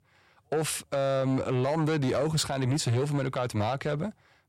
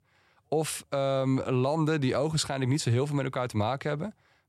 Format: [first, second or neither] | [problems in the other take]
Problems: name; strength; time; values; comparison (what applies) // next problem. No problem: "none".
second | distortion; slight; 10 dB below the speech